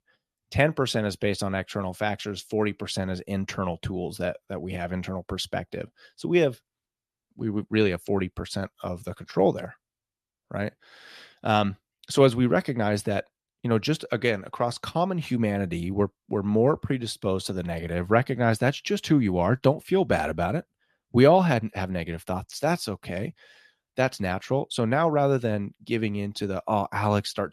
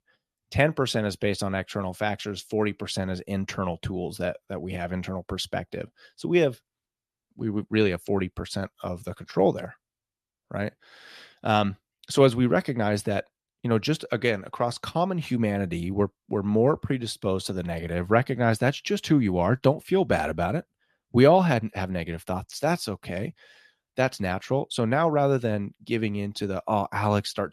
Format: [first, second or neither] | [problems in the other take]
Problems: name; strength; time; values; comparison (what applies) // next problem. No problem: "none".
neither | none